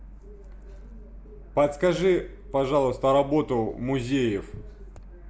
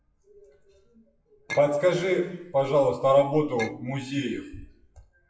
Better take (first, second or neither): first